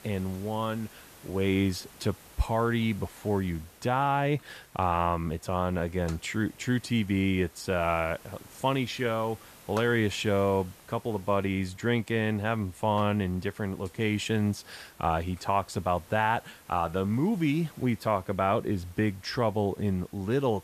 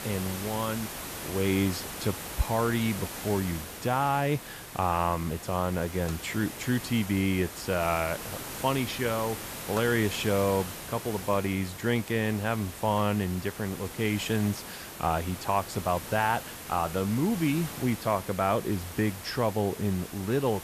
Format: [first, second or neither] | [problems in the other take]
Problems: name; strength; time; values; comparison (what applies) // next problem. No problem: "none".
first | hiss; loud; throughout; 9 dB below the speech; faint in the first